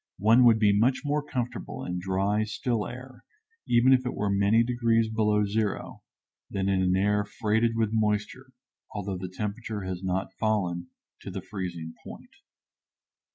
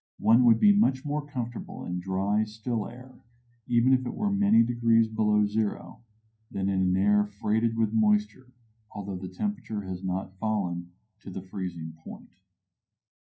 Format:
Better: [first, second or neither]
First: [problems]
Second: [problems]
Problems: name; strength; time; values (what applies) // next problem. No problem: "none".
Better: first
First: none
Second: room echo; dies away in 0.3 s